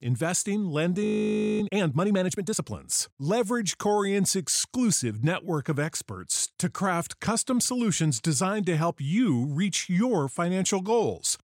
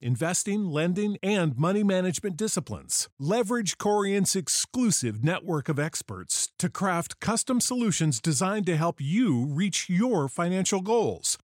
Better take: second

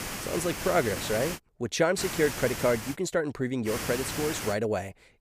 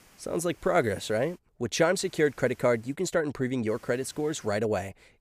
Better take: second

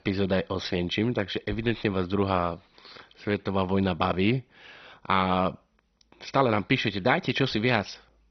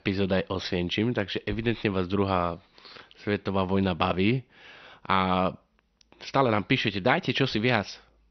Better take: second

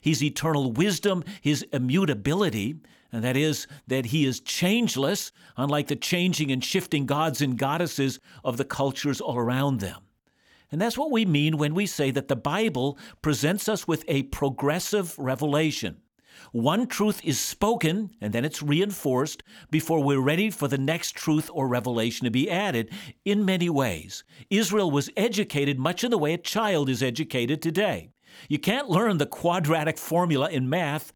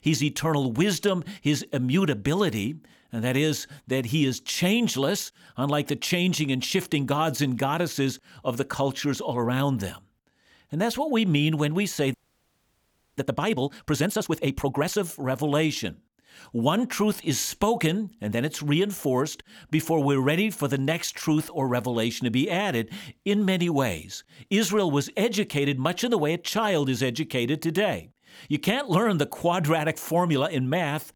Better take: first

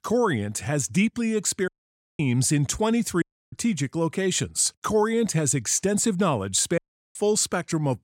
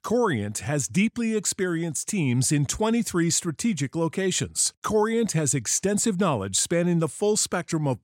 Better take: second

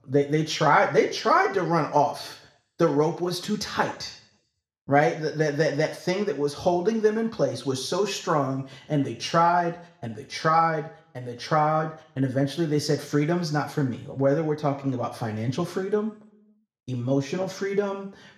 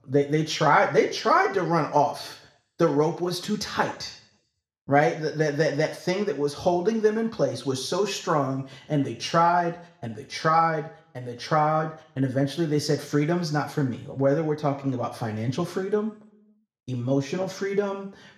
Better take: neither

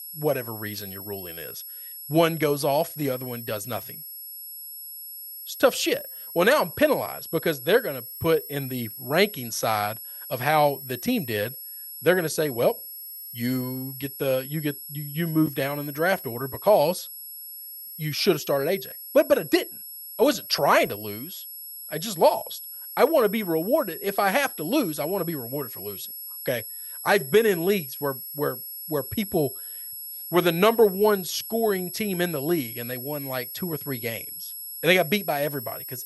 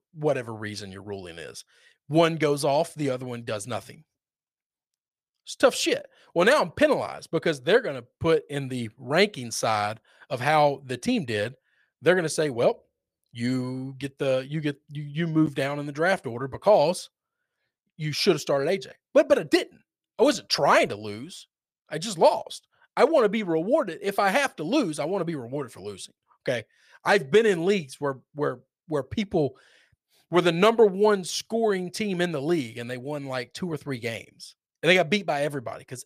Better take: second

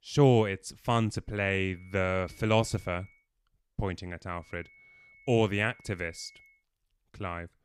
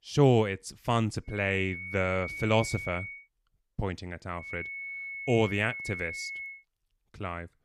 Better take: first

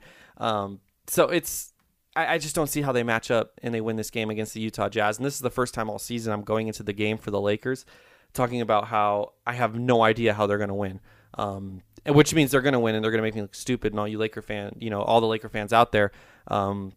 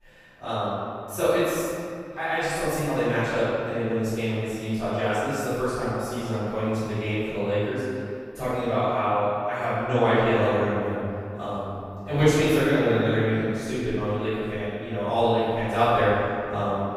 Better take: first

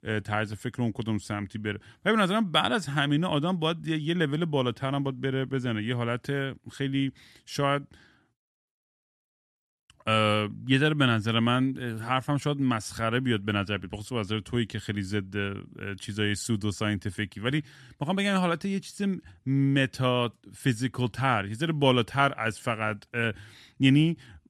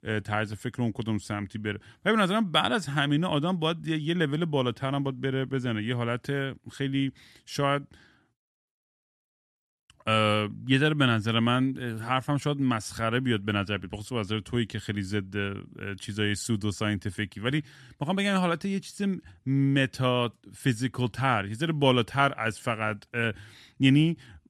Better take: neither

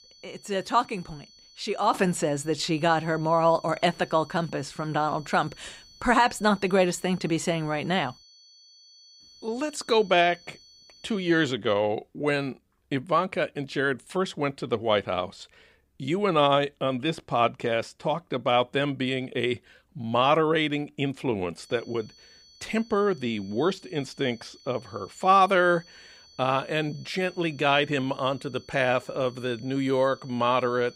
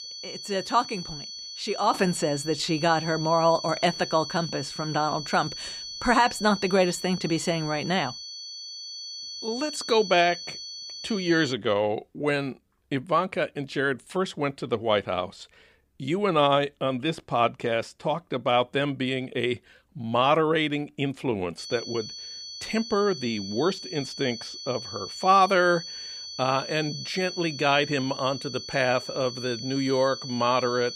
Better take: first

